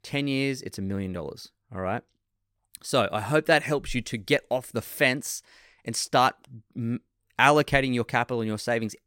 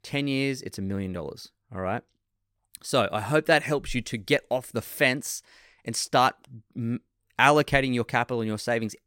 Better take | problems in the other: neither | none

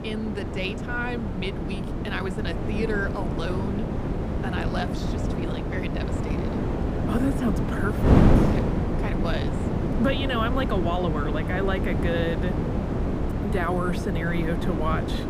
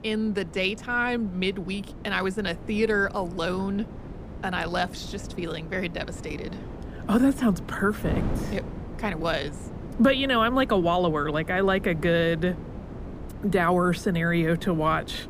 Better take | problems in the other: second | wind noise on the microphone; heavy; 2 dB below the speech; occasional gusts in the second

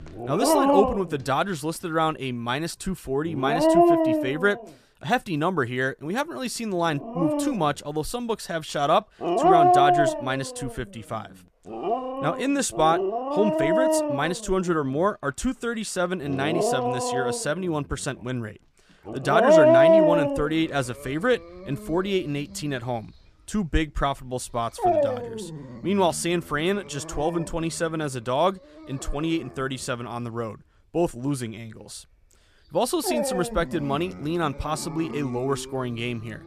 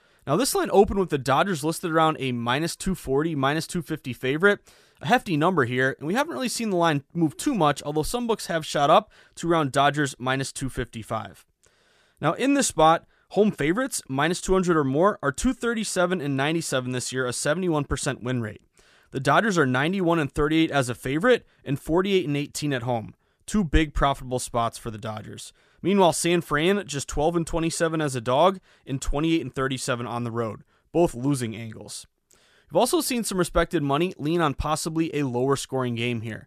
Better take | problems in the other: second | animal sounds; very loud; throughout; 4 dB above the speech

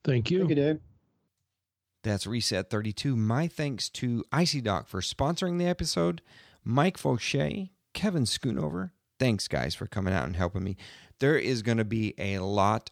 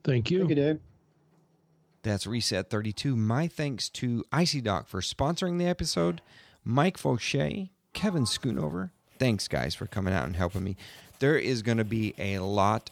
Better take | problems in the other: first | household noises; faint; throughout; 25 dB below the speech

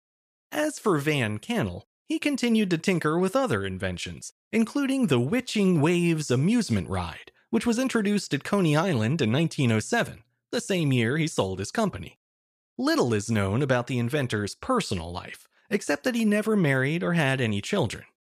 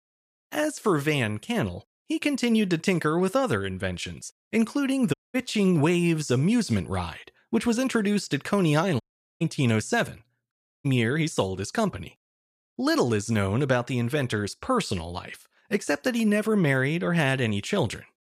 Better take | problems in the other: first | audio cutting out; at 5 s, at 9 s and at 11 s

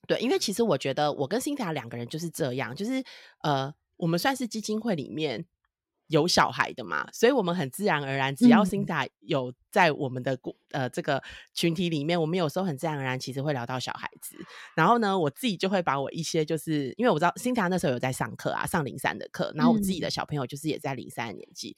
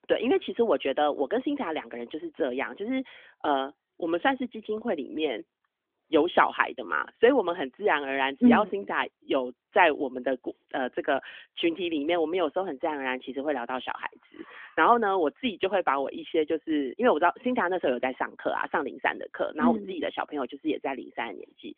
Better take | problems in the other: first | phone-call audio; nothing above 3.5 kHz

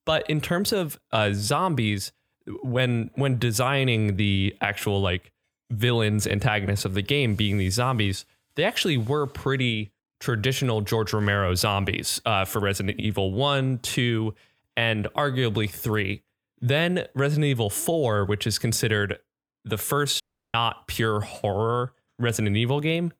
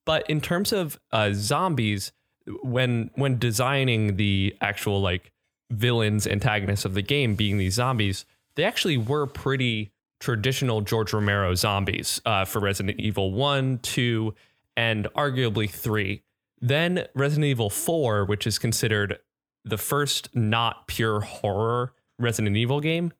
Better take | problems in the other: second | audio cutting out; at 20 s

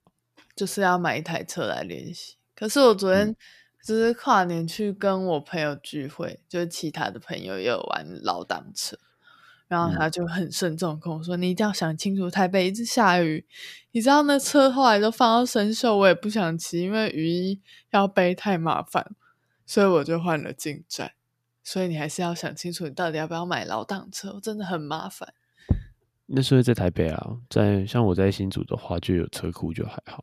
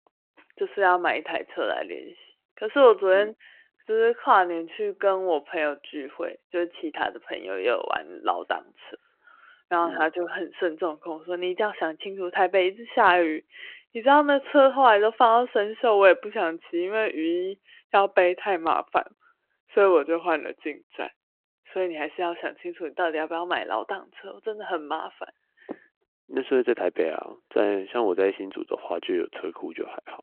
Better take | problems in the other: first | phone-call audio

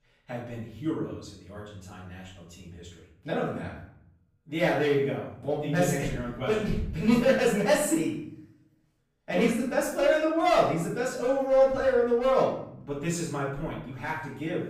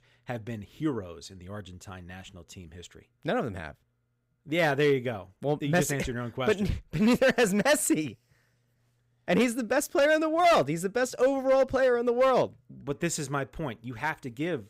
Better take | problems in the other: second | off-mic speech; far // room echo; noticeable; dies away in 0.6 s

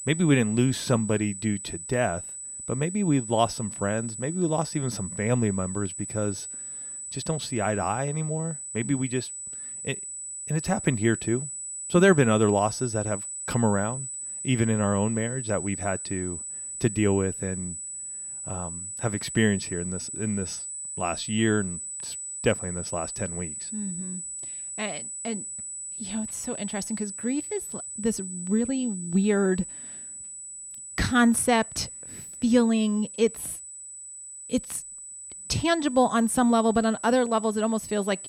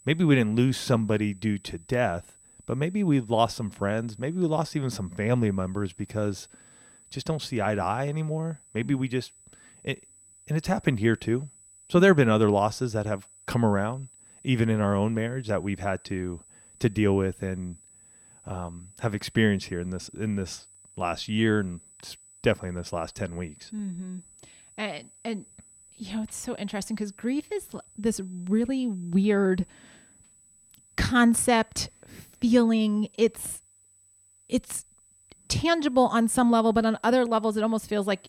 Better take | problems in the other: second | high-pitched whine; loud; throughout; 8 kHz, 8 dB below the speech; faint in the second

